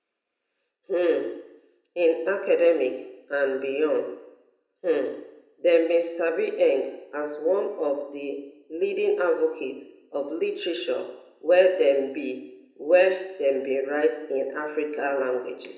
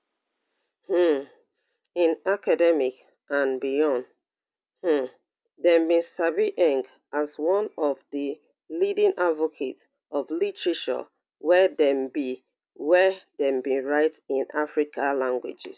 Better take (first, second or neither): second